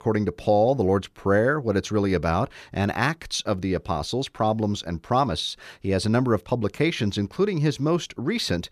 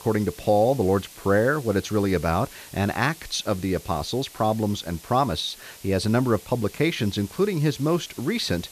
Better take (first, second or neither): first